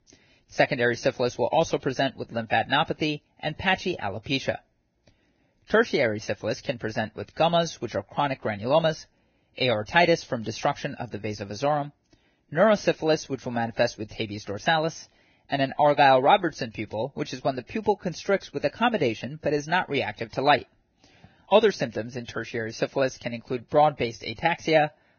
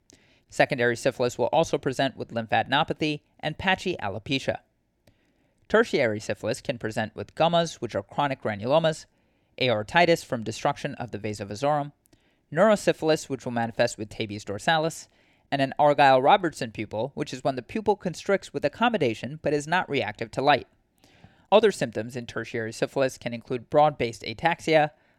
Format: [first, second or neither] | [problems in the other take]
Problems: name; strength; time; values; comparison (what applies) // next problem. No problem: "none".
second | garbled, watery; badly; nothing above 6.5 kHz